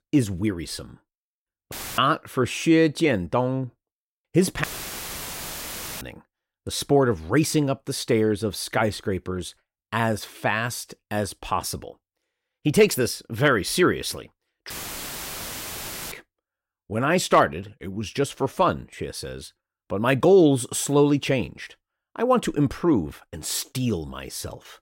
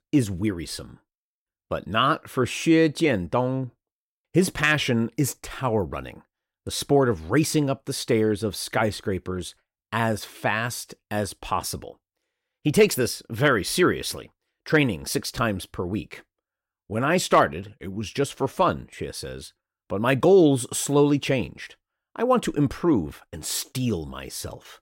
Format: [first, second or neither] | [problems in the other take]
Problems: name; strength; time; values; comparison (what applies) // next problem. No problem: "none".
second | audio cutting out; filled with static; at 1.5 s, at 4.5 s for 1.5 s and at 15 s for 1.5 s